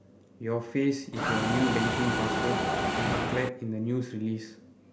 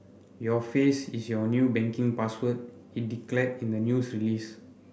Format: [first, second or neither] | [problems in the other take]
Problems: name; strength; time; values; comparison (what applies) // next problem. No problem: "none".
second | background sound (Mechanisms); 3 dB above the speech